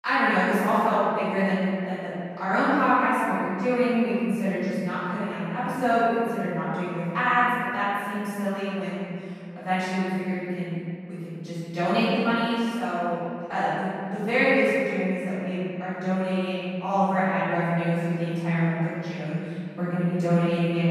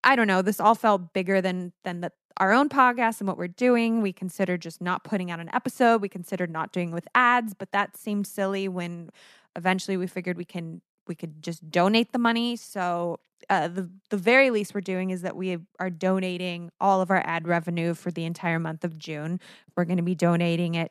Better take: second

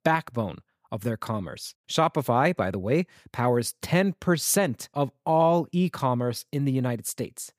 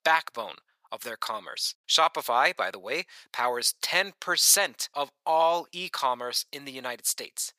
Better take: first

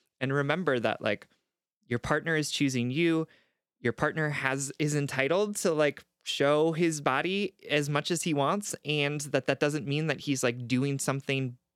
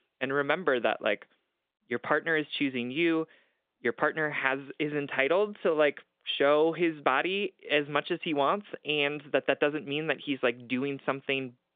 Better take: first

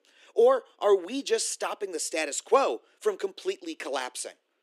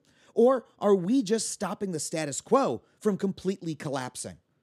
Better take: second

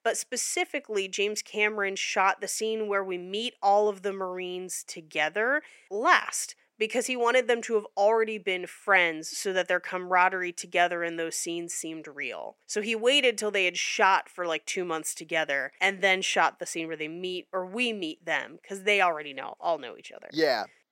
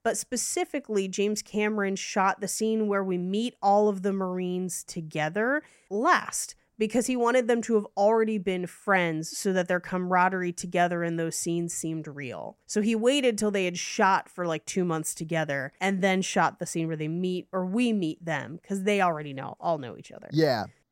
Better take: second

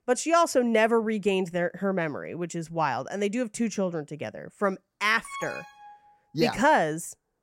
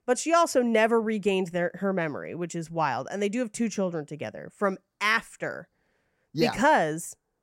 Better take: second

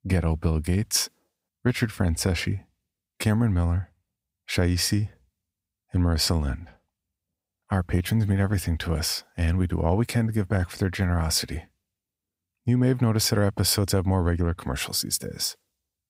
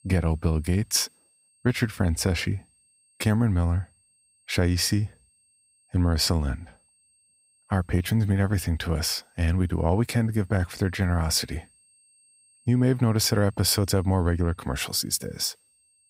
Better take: first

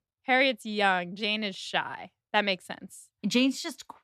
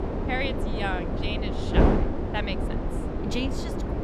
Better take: first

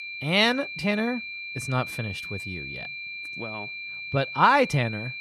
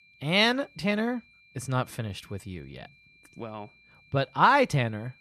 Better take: second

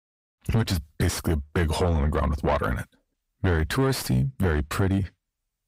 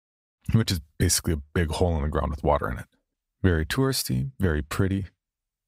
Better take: second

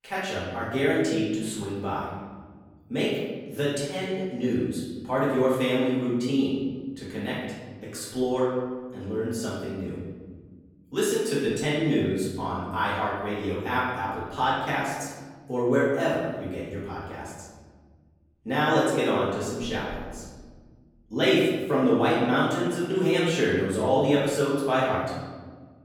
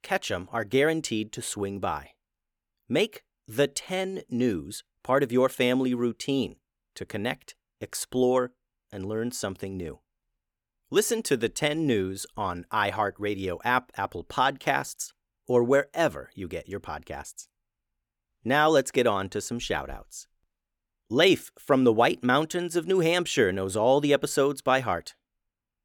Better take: second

